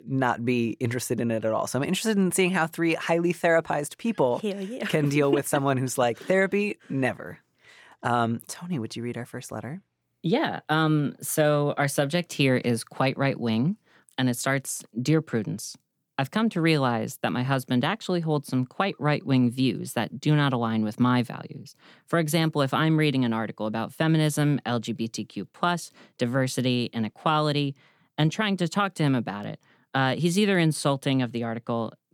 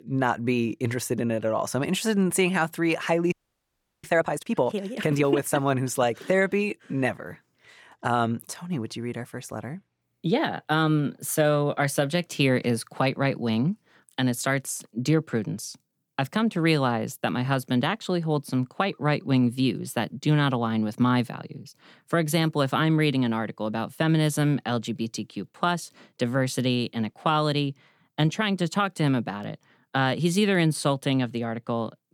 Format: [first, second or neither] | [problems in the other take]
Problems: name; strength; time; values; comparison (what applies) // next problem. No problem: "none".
first | audio freezing; at 3.5 s for 0.5 s